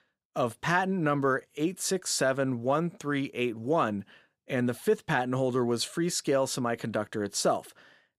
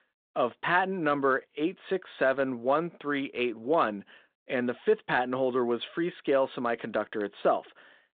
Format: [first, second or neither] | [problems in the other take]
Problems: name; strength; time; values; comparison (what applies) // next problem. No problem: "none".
first | phone-call audio; nothing above 3.5 kHz